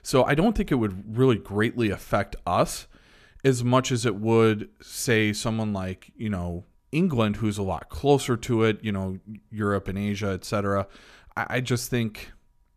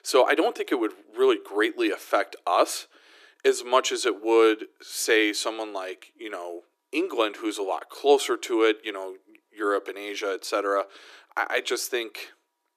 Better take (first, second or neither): first